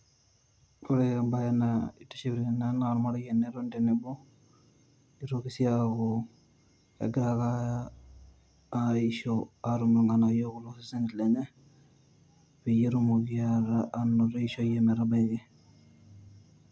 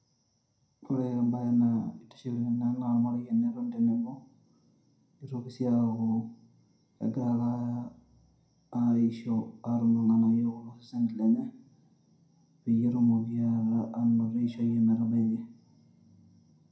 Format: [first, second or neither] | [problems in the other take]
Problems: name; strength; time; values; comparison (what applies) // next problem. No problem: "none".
first | room echo; dies away in 0.4 s